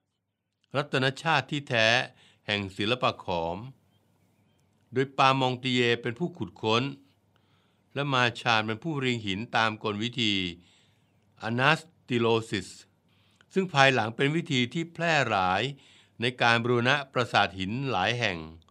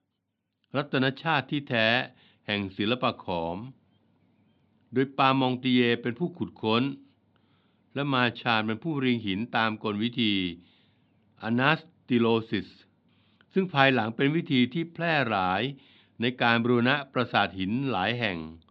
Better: first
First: none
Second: muffled; very slightly; fading above 4 kHz

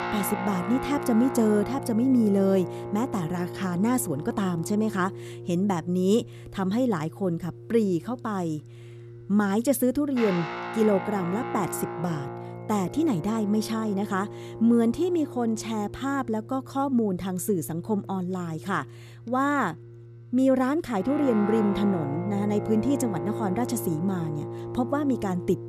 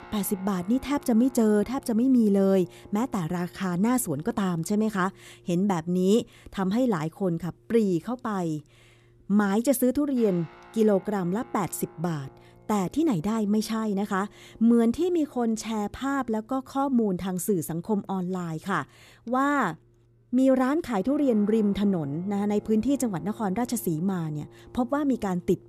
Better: second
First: background music; loud; throughout; 10 dB below the speech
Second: background music; faint; throughout; 25 dB below the speech

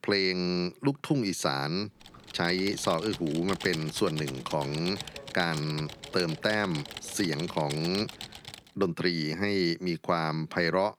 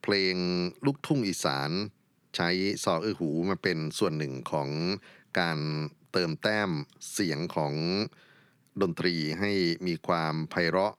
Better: second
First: keyboard typing; noticeable; from 2 to 8.5 s; peak 7 dB below the speech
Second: none

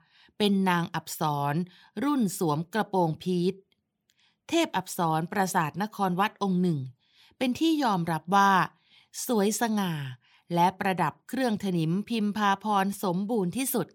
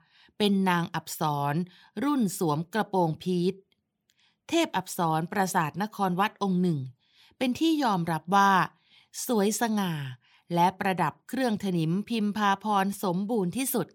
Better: neither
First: none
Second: none

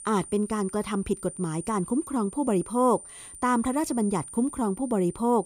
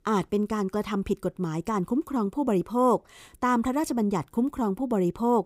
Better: second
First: high-pitched whine; noticeable; throughout; 9 kHz, 15 dB below the speech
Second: none

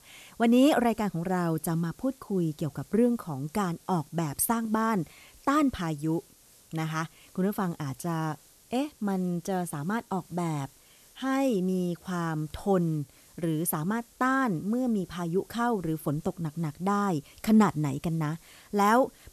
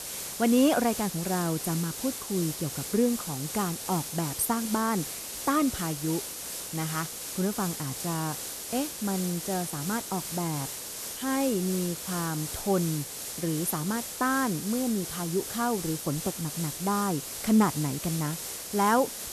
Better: first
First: hiss; faint; throughout; 25 dB below the speech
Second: hiss; loud; throughout; 5 dB below the speech

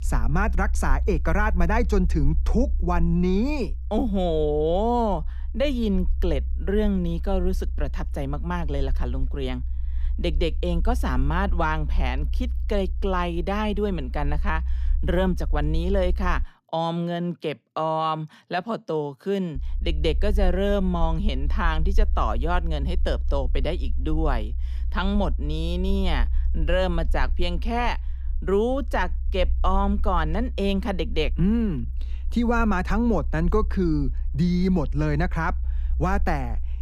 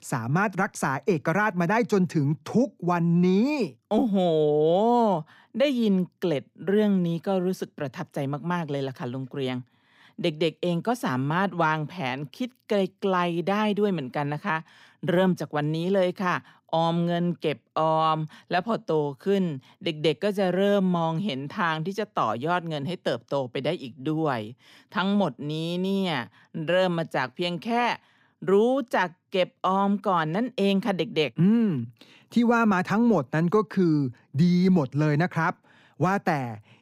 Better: second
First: low rumble; faint; until 16 s and from 20 s on; 25 dB below the speech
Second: none

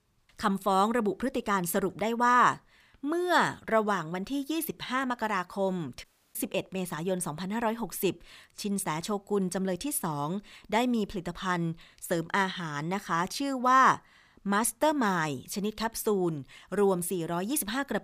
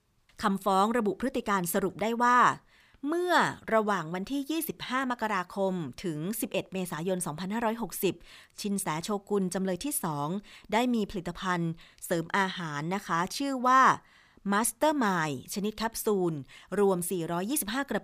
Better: second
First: audio cutting out; at 6 s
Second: none

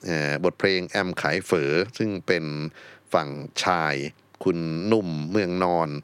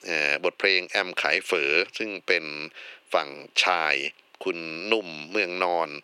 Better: first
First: none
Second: thin; somewhat; fading below 450 Hz

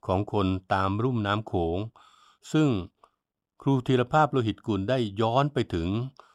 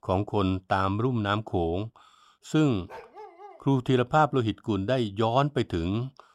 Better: first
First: none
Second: dog barking; faint; at 3 s; peak 15 dB below the speech

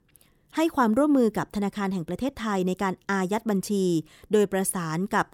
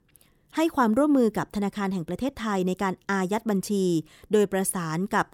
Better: neither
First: none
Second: none

